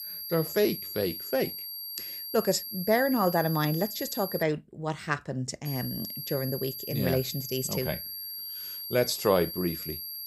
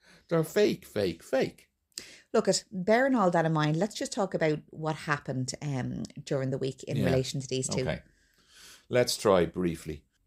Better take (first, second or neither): second